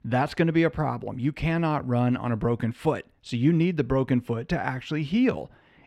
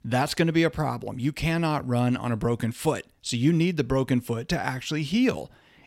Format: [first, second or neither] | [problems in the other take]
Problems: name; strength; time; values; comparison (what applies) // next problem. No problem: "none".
second | muffled; slightly; fading above 4 kHz